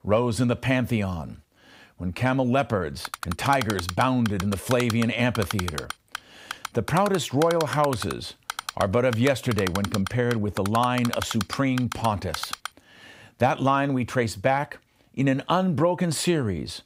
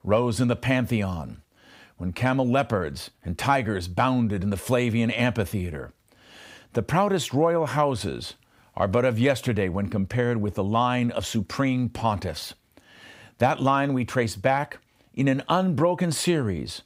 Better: second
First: keyboard typing; noticeable; from 3 to 13 s; peak 7 dB below the speech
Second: none

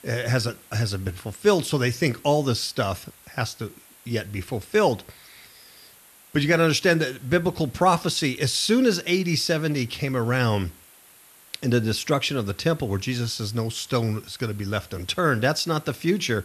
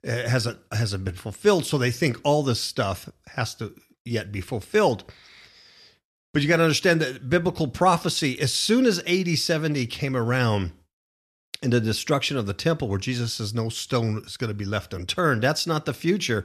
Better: second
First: hiss; faint; throughout; 25 dB below the speech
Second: none

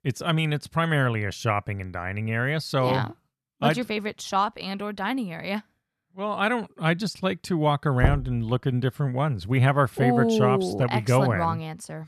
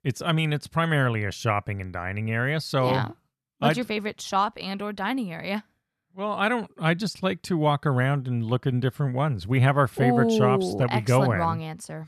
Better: second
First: door banging; noticeable; at 8 s; peak 2 dB below the speech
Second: none

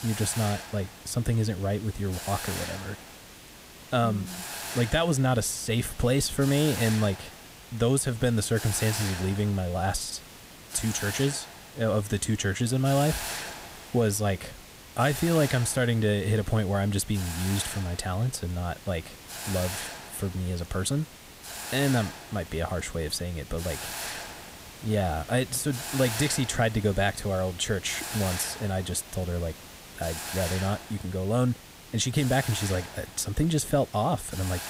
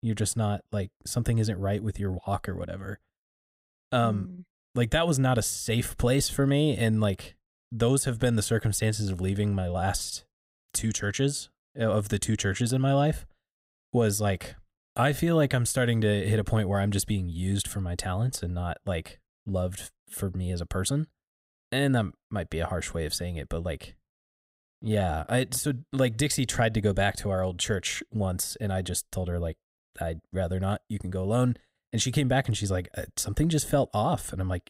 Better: second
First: hiss; noticeable; throughout; 10 dB below the speech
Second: none

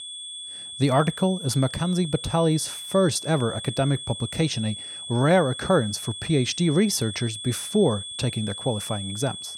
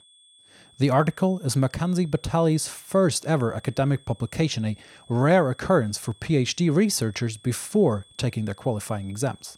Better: second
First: high-pitched whine; loud; throughout; 3.5 kHz, 9 dB below the speech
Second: high-pitched whine; faint; throughout; 3.5 kHz, 30 dB below the speech

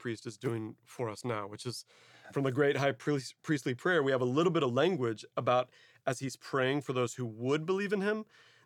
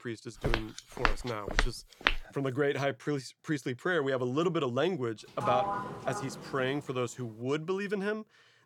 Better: first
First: none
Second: footsteps; loud; until 2 s; peak 3 dB above the speech // door banging; loud; from 5.5 to 6.5 s; peak 1 dB above the speech

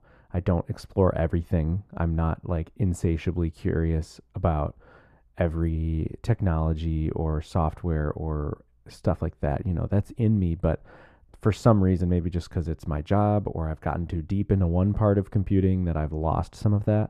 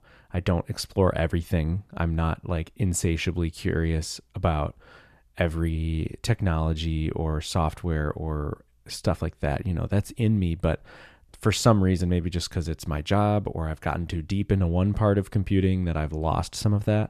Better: second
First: muffled; slightly; fading above 2 kHz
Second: none

